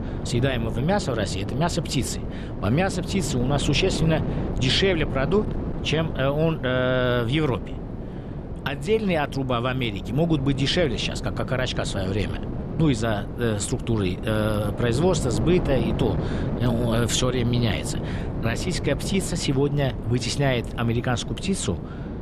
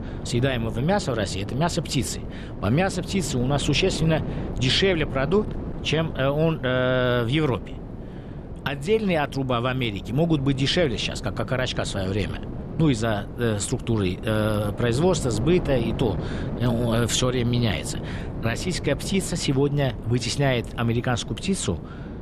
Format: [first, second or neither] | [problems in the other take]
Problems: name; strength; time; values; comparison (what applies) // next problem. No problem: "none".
second | wind noise on the microphone; heavy; 10 dB below the speech; occasional gusts in the second